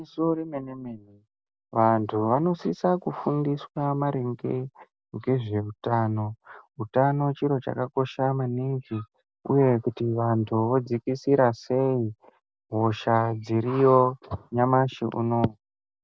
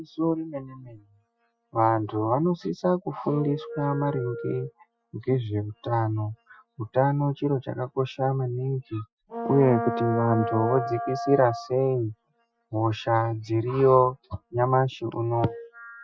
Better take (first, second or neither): first